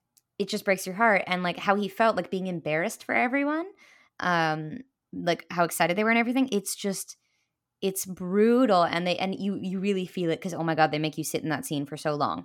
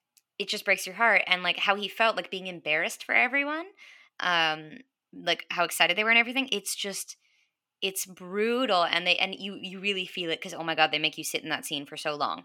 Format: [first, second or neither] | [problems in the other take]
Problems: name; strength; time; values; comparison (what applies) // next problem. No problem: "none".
first | thin; very slightly; fading below 550 Hz